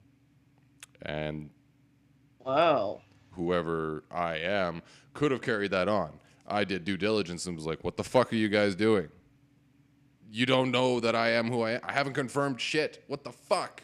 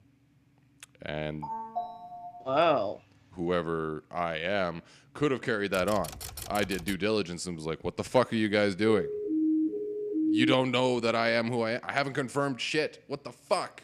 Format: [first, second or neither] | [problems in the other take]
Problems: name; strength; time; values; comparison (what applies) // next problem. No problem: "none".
first | phone ringing; noticeable; at 1.5 s; peak 6 dB below the speech // keyboard typing; noticeable; from 5.5 to 7 s; peak 10 dB below the speech // siren; loud; from 9 to 11 s; peak 2 dB above the speech